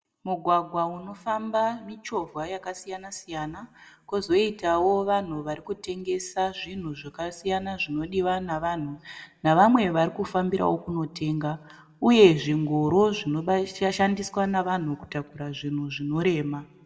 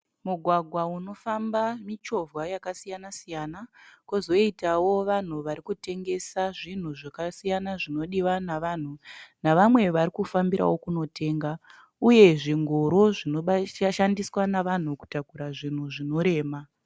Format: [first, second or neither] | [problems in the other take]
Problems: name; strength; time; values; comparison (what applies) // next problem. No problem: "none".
second | room echo; dies away in 0.9 s